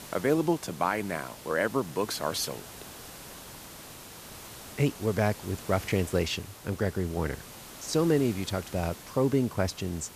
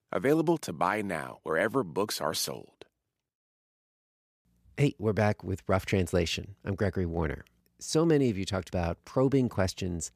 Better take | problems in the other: second | hiss; noticeable; throughout; 15 dB below the speech

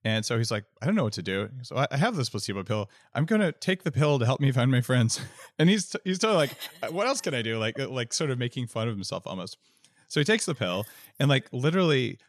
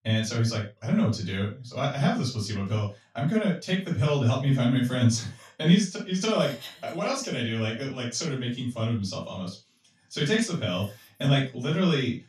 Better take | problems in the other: first | room echo; noticeable; dies away in 0.2 s // off-mic speech; far

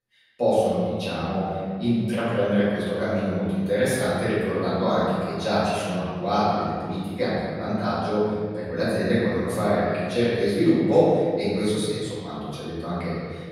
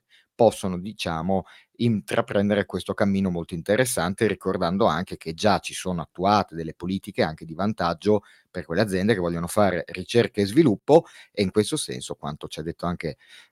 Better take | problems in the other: second | off-mic speech; far // room echo; strong; dies away in 1.8 s

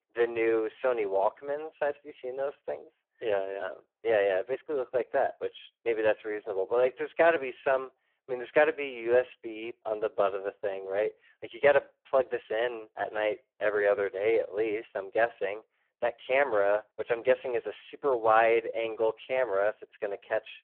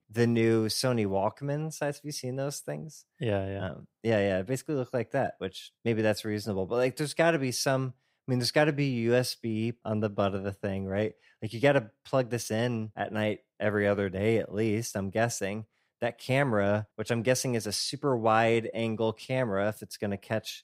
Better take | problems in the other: second | phone-call audio; poor line

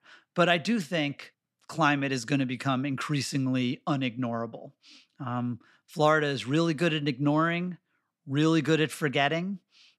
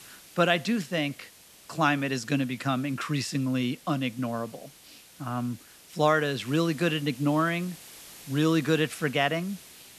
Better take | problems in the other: first | hiss; faint; throughout; 20 dB below the speech

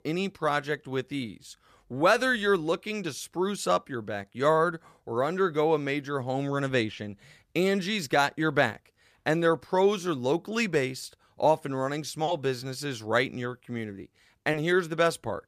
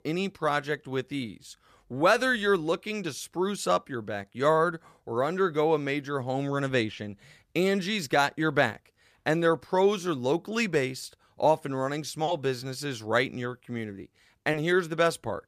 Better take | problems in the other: neither | none

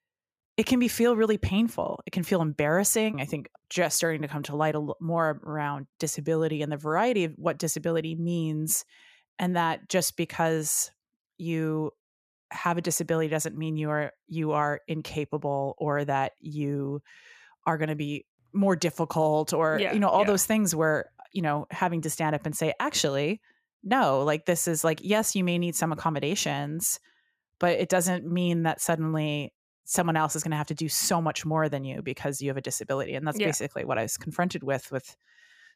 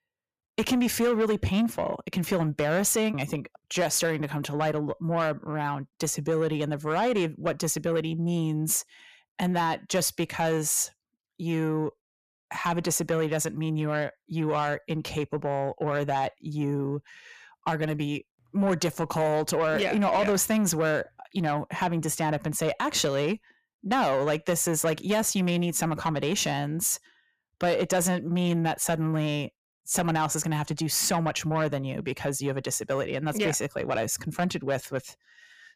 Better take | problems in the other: first | distortion; slight; 10 dB below the speech

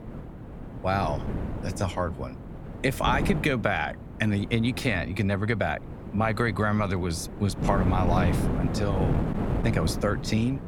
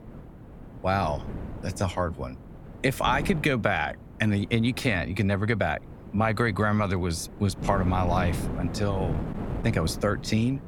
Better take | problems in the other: second | wind noise on the microphone; heavy; 9 dB below the speech; occasional gusts in the second

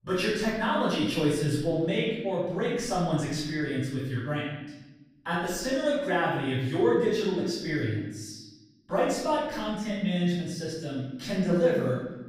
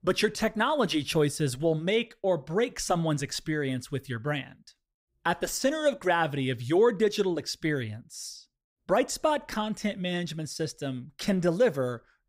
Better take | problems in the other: second | room echo; noticeable; dies away in 1 s // off-mic speech; far

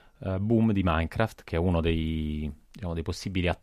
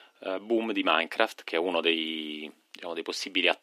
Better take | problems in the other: first | thin; somewhat; fading below 300 Hz

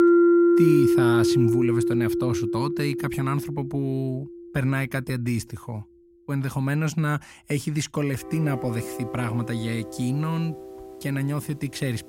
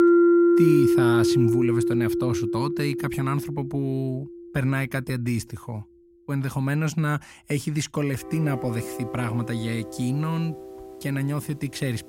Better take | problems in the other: neither | background music; very loud; throughout; 4 dB above the speech; the same in both

